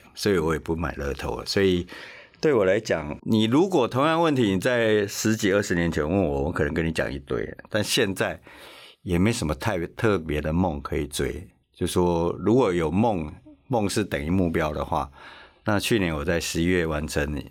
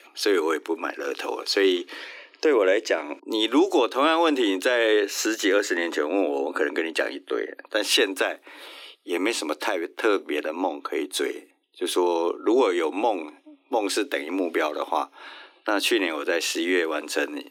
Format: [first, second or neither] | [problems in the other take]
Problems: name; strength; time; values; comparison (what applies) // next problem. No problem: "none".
first | thin; somewhat; fading below 300 Hz